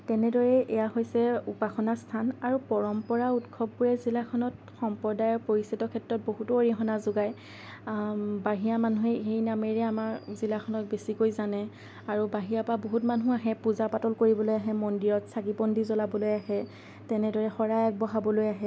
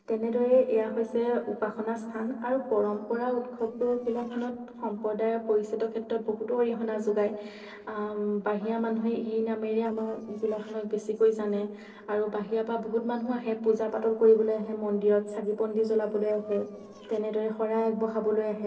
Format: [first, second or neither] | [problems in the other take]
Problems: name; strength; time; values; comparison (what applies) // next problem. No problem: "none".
first | noise reduction (neural separator model SepFormer DNS4)